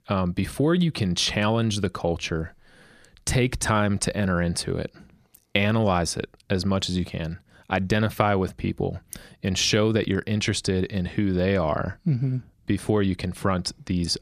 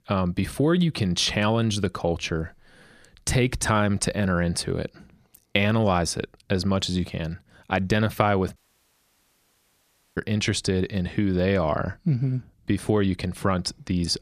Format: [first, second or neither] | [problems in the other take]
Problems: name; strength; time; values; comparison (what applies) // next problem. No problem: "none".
first | audio cutting out; at 8.5 s for 1.5 s